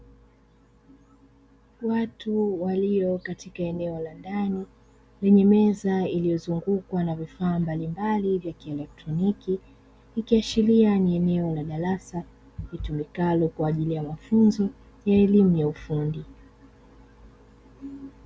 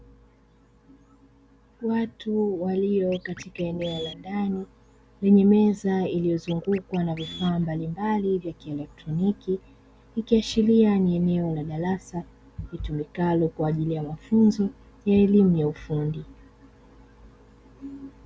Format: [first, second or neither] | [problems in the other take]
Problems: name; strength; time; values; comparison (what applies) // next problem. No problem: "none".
first | background sound (Scratching (performance technique)); 19 dB below the speech